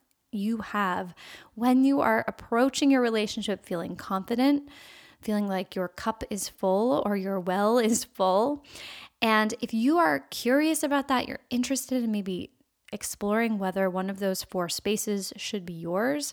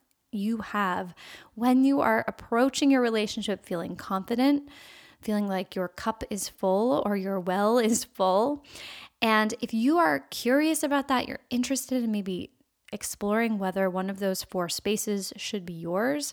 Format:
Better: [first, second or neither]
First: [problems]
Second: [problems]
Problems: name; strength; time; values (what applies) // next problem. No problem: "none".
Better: neither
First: none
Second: none